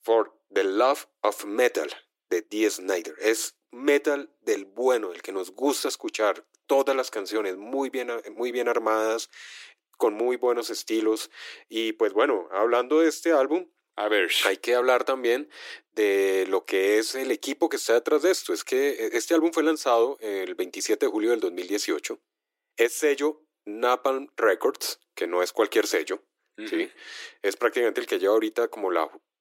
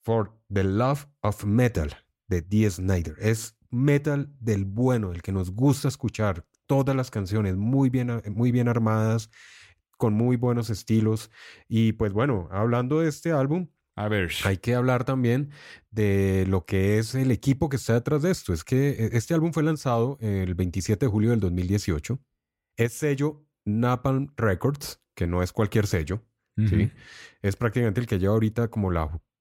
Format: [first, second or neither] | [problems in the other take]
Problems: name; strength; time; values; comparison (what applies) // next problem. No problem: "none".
second | thin; very; fading below 300 Hz